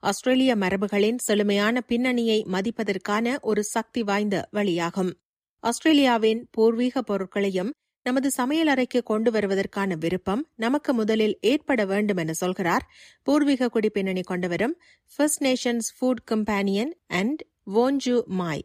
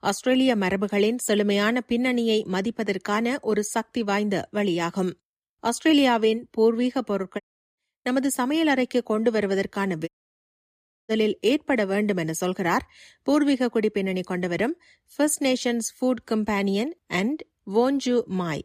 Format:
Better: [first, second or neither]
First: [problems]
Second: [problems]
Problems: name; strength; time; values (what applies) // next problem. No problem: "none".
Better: first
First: none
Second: audio cutting out; at 7.5 s and at 10 s for 1 s